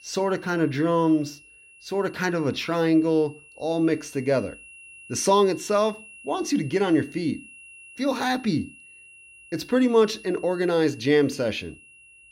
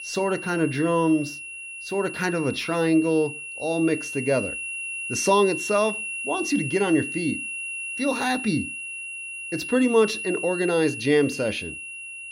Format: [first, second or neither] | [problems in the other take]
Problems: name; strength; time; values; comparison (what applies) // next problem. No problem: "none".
first | high-pitched whine; loud; throughout; 2.5 kHz, 7 dB below the speech; faint in the first